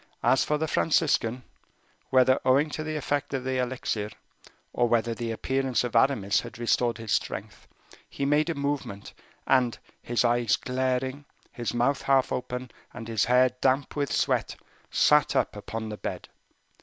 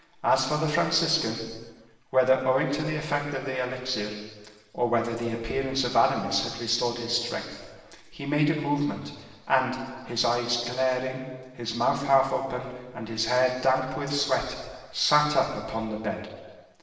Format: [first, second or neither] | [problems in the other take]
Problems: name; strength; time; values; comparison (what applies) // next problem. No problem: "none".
first | room echo; dies away in 1.3 s